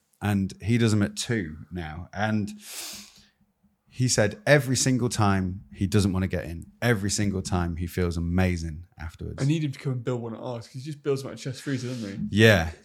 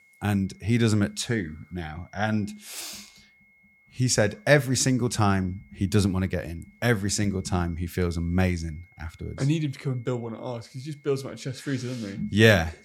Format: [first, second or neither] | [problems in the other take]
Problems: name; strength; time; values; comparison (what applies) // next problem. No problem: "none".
first | high-pitched whine; faint; throughout; 2 kHz, 30 dB below the speech